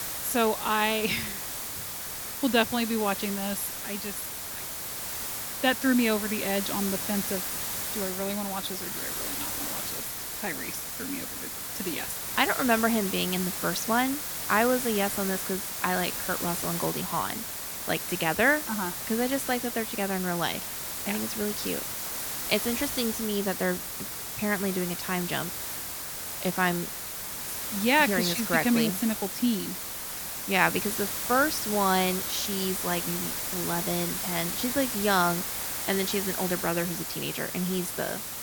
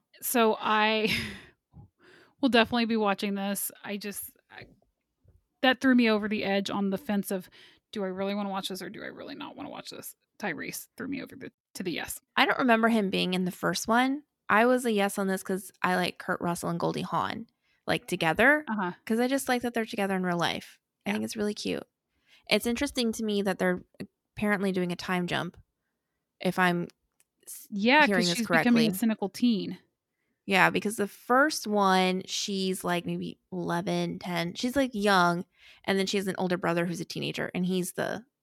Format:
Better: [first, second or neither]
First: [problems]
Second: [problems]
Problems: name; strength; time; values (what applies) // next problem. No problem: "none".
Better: second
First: hiss; loud; throughout; 3 dB below the speech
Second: none